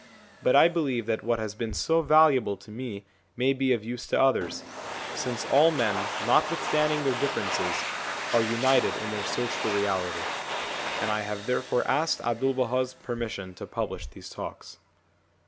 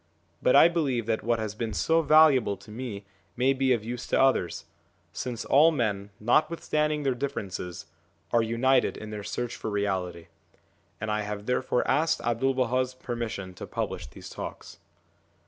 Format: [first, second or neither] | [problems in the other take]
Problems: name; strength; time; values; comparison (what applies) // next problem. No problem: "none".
second | background sound (Domestic sounds, home sounds); 8 dB below the speech